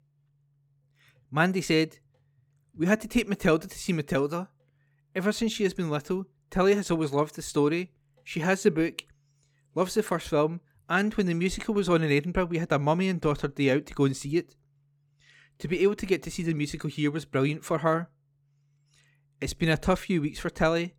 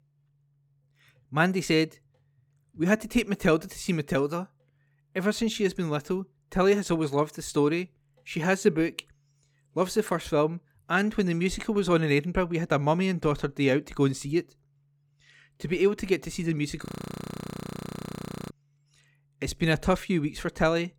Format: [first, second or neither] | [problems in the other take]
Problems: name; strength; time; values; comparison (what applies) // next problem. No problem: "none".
first | audio freezing; at 17 s for 1.5 s